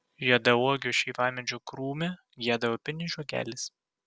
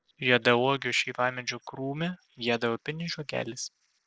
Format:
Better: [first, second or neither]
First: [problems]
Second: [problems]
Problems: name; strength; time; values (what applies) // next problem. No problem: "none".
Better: first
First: none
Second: noise reduction (neural separator model SepFormer DNS4)